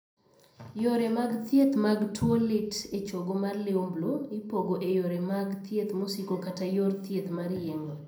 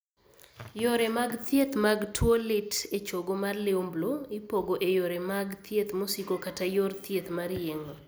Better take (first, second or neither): second